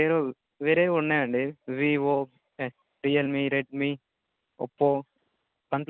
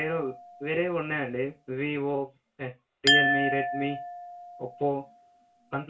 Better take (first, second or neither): first